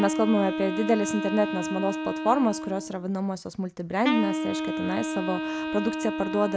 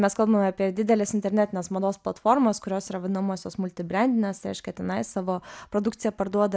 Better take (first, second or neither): second